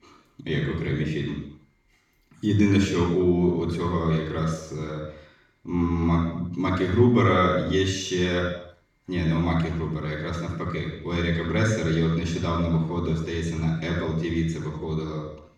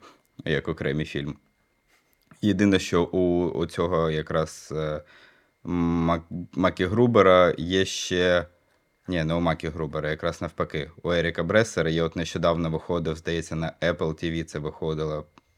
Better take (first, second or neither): second